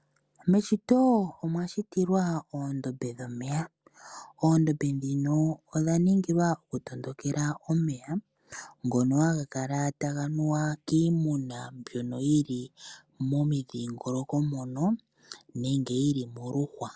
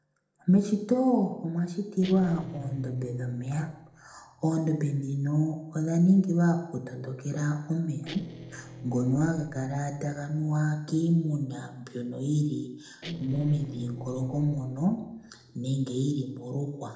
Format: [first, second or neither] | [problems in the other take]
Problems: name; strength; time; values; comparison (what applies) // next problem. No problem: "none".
first | noise reduction (neural separator model SepFormer DNS4)